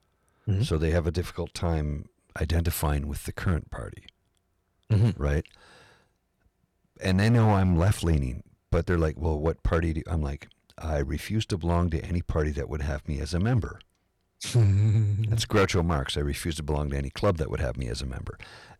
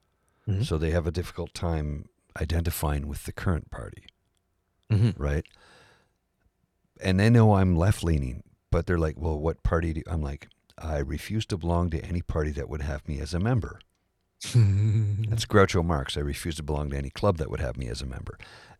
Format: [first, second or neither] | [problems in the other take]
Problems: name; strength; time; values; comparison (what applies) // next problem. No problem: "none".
second | distortion; slight; 3% of the sound clipped